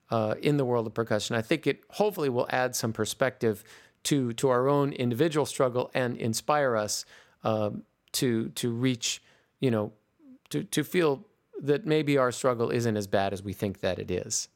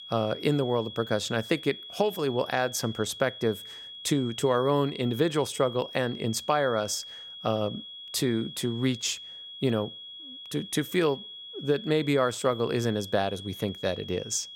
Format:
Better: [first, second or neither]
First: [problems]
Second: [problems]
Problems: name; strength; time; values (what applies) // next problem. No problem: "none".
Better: first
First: none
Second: high-pitched whine; noticeable; throughout; 3.5 kHz, 10 dB below the speech